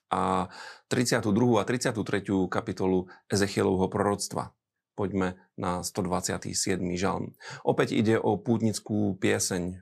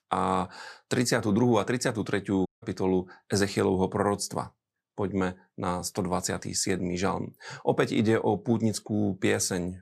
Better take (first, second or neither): first